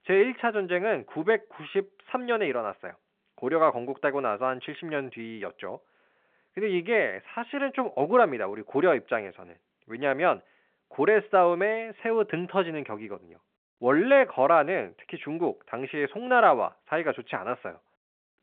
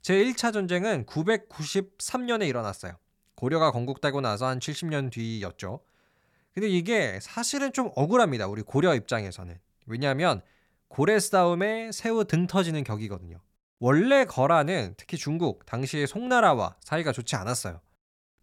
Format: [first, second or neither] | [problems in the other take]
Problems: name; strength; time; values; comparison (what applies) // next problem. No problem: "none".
second | phone-call audio; nothing above 3.5 kHz